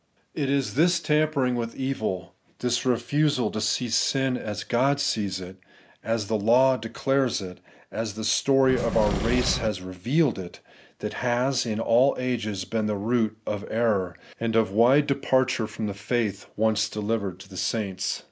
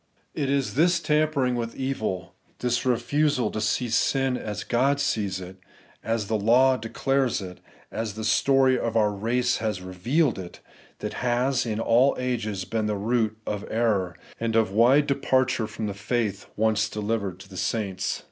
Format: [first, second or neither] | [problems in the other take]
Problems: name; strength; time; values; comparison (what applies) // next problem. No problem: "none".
second | background sound (Engine / Mechanisms); 3 dB below the speech